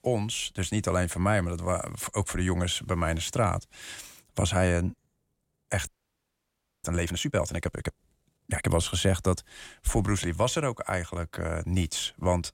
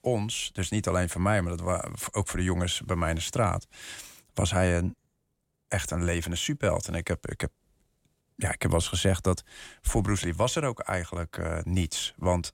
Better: second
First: audio freezing; at 6 s for 1 s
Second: none

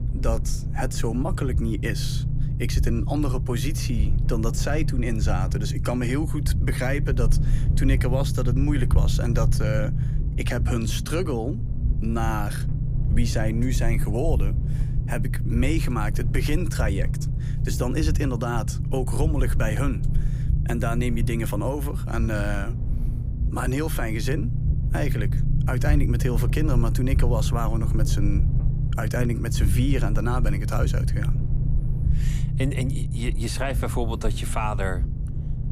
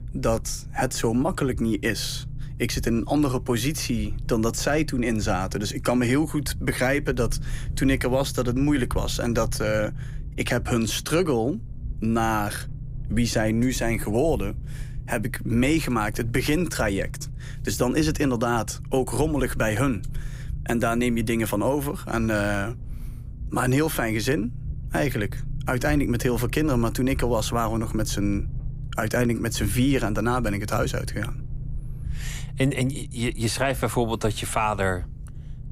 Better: second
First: low rumble; loud; throughout; 8 dB below the speech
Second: low rumble; faint; throughout; 20 dB below the speech

